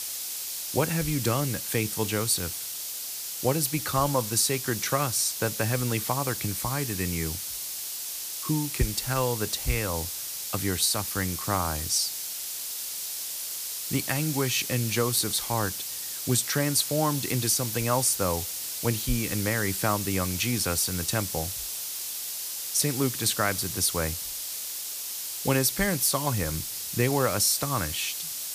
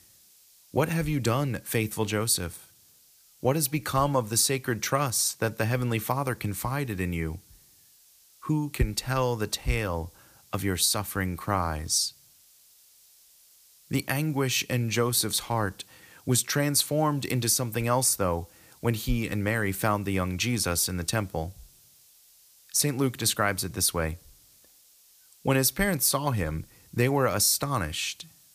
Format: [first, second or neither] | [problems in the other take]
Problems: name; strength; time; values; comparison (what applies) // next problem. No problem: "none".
second | hiss; loud; throughout; 4 dB below the speech; faint in the second